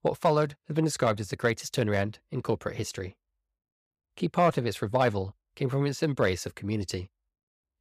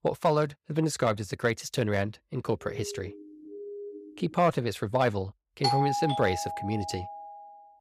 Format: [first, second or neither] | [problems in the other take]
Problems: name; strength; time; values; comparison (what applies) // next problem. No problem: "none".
first | siren; faint; from 2.5 to 4.5 s; peak 10 dB below the speech // doorbell; loud; from 5.5 to 7 s; peak 2 dB above the speech